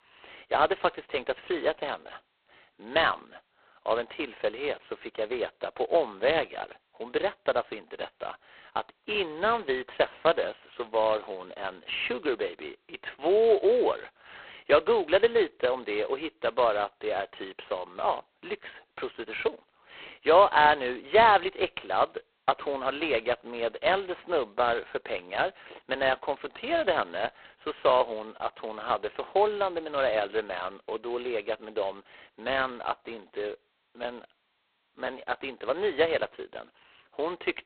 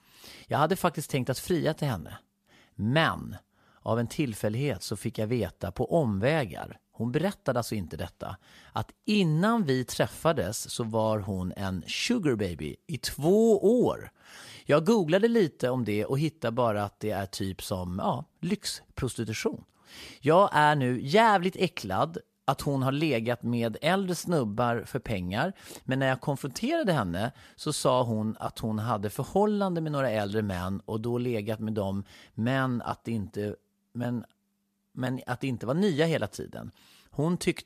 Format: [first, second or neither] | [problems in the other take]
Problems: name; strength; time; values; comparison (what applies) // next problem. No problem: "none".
second | phone-call audio; poor line; nothing above 4 kHz